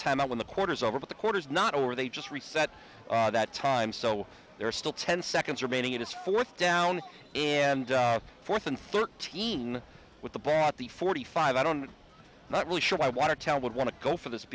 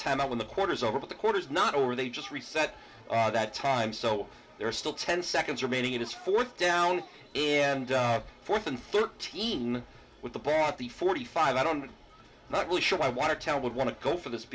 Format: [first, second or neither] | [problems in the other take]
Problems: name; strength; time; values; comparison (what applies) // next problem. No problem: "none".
first | room echo; dies away in 0.2 s